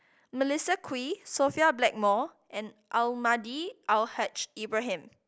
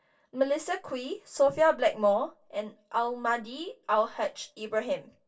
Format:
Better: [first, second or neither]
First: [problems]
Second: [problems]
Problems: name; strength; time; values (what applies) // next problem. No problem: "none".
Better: first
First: none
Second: room echo; dies away in 0.1 s